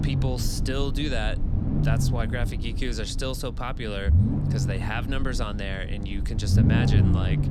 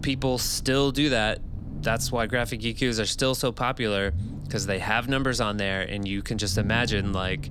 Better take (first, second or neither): second